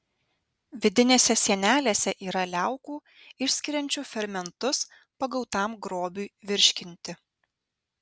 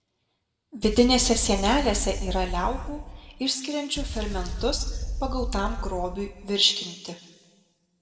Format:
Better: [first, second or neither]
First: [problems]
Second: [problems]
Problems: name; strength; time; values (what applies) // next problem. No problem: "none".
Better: first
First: none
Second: background sound (Boom); 4 dB below the speech // room echo; dies away in 1.2 s